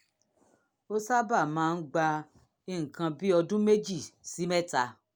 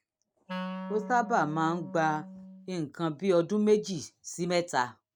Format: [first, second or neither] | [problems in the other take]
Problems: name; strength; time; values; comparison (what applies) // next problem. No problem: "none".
first | noise reduction (neural mask model RNNoise)